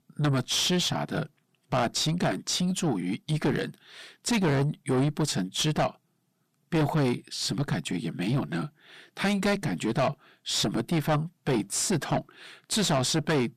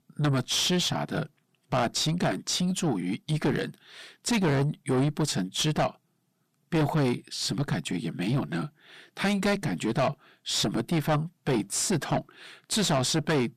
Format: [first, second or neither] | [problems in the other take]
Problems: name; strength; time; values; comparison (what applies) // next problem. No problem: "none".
neither | distortion; heavy; 5 dB below the speech; the same in both